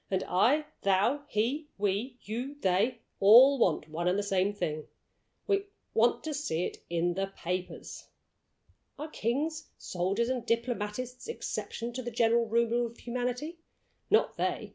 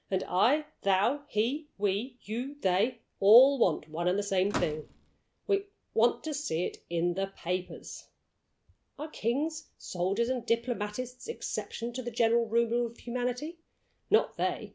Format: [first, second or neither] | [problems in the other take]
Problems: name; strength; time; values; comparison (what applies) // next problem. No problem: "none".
first | background sound (Slam / Microwave oven); 8 dB below the speech